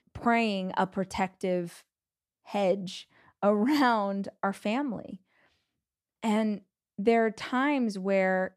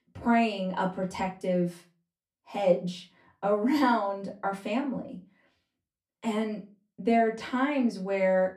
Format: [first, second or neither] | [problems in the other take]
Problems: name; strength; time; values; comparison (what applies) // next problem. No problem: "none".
first | off-mic speech; far // room echo; very slight; dies away in 0.2 s